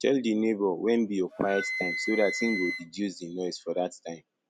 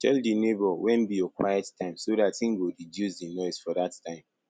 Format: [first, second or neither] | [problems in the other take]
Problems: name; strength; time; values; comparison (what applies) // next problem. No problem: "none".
second | background sound (Wind instrument, woodwind instrument); 8 dB below the speech